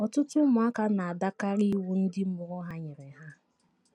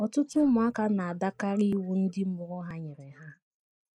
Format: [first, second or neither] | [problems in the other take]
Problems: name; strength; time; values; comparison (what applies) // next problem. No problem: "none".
first | noise reduction (neural mask model Resemble Enhance denoiser)